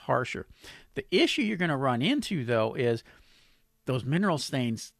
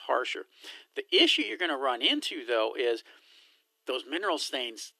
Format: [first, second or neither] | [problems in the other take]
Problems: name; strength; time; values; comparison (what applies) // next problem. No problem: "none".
first | thin; somewhat; fading below 300 Hz